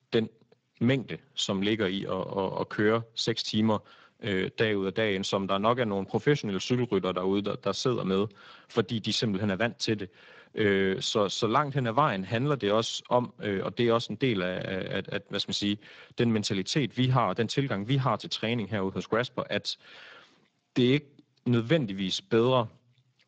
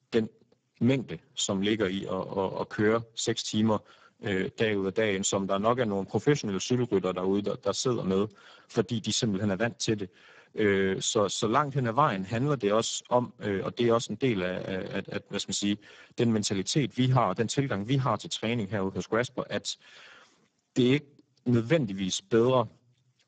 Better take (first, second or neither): first